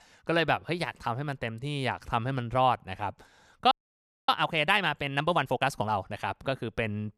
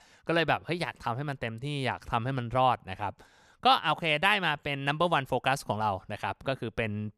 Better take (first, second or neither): second